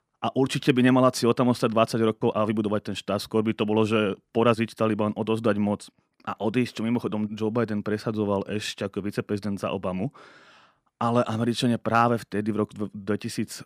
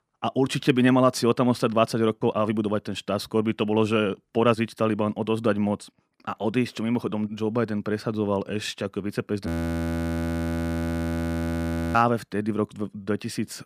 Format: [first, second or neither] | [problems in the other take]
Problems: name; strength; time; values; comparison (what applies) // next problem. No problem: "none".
first | audio freezing; at 9.5 s for 2.5 s